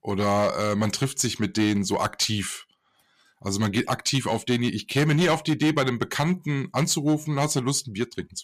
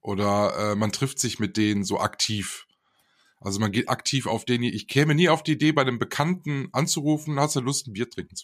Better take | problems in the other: second | distortion; slight; 5% of the sound clipped

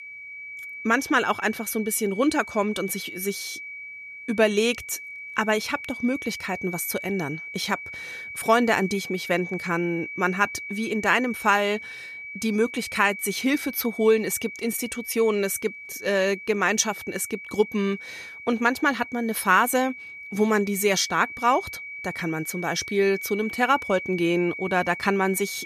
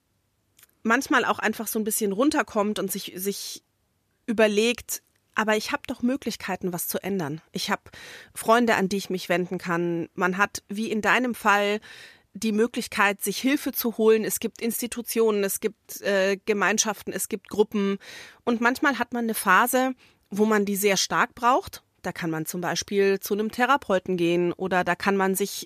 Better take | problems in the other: second | high-pitched whine; noticeable; throughout; 2.5 kHz, 10 dB below the speech

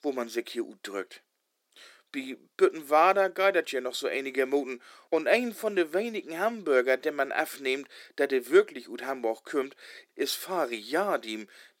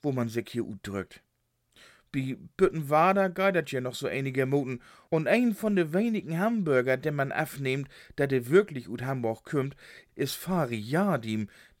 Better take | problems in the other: second | thin; somewhat; fading below 300 Hz

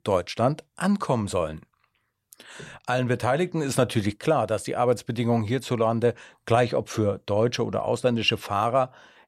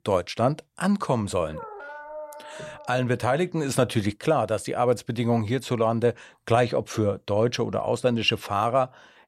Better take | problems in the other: first | dog barking; faint; from 1.5 to 3 s; peak 15 dB below the speech

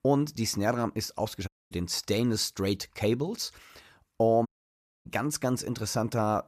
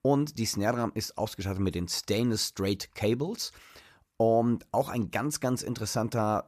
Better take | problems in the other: second | audio cutting out; at 1.5 s and at 4.5 s for 0.5 s

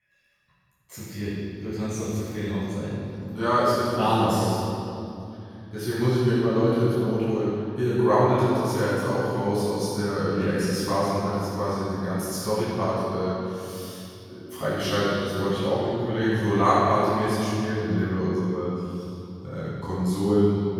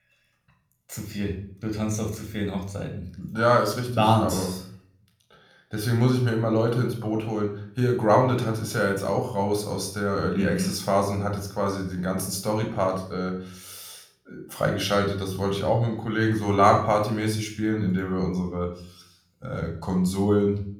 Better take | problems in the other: second | room echo; strong; dies away in 2.6 s; slight in the second // off-mic speech; far

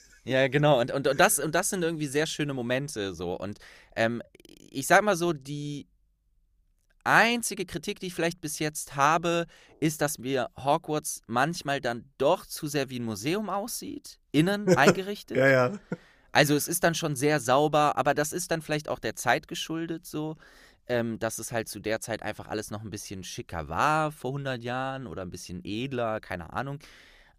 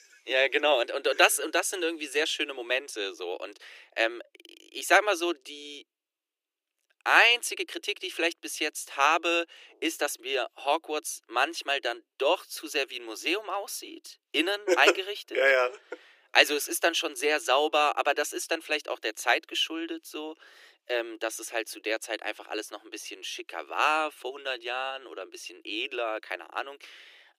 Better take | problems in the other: first | thin; very; fading below 300 Hz

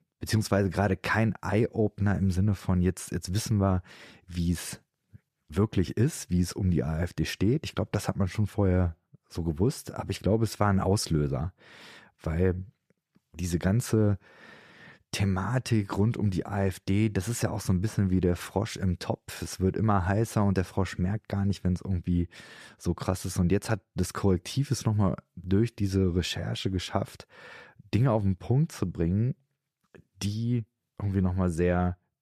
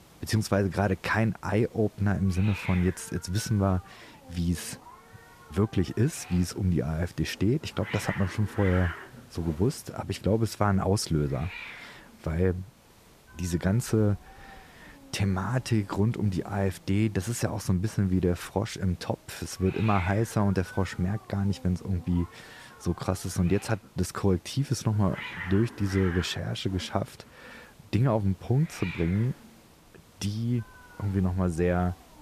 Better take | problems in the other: first | hiss; noticeable; throughout; 15 dB below the speech

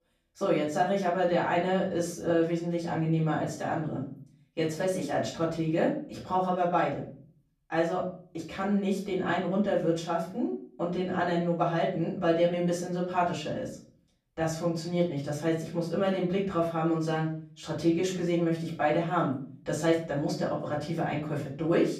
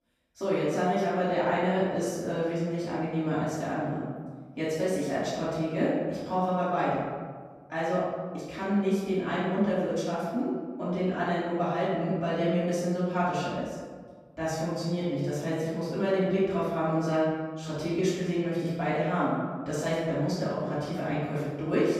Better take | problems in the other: first | room echo; strong; dies away in 1.4 s; slight in the first // off-mic speech; far; far in the first

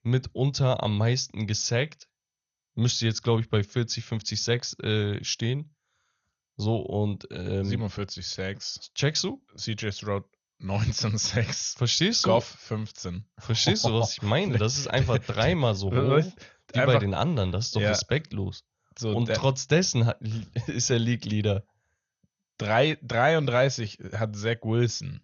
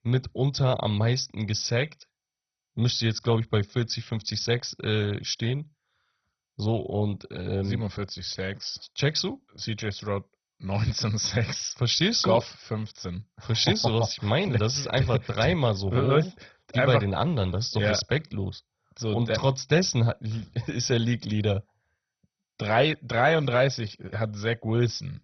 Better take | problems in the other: first | garbled, watery; badly; nothing above 6 kHz; slightly in the first

